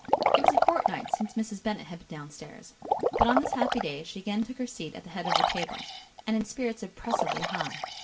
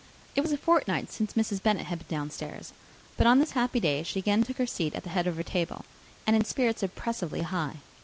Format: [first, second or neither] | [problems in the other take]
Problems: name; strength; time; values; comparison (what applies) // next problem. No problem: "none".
second | background sound (Liquid); 3 dB above the speech // room echo; dies away in 0.2 s